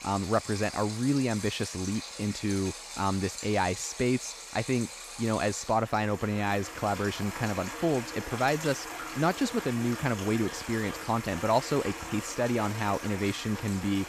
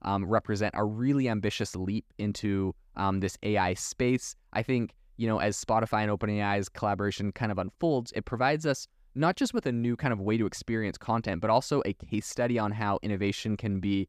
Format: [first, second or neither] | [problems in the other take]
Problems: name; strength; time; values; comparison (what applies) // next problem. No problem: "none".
second | rain or running water; loud; throughout; 9 dB below the speech